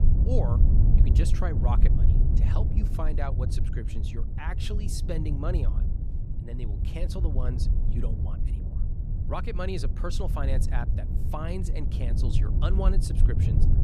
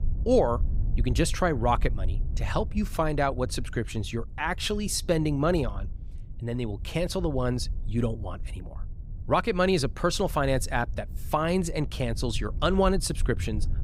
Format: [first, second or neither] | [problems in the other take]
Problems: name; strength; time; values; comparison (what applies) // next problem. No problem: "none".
second | low rumble; loud; throughout; 4 dB below the speech; faint in the second